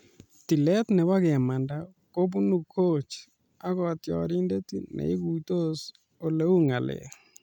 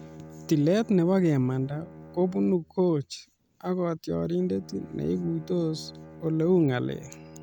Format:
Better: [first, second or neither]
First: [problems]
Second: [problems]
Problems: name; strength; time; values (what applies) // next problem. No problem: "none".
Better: first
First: none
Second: background sound (Bowed string instrument); 19 dB below the speech